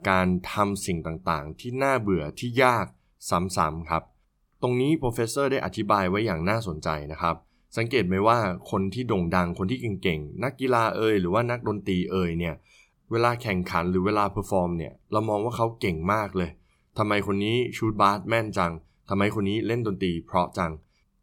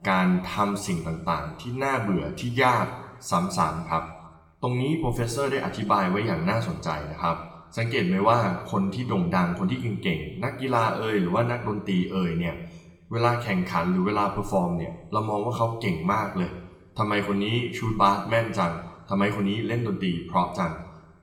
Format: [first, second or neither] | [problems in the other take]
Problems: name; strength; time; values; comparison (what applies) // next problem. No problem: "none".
first | room echo; slight; dies away in 0.9 s // off-mic speech; somewhat distant